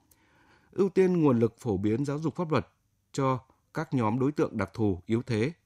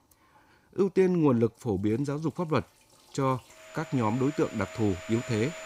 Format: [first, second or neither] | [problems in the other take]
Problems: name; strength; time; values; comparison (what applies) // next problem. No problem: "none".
first | household noises; noticeable; throughout; 15 dB below the speech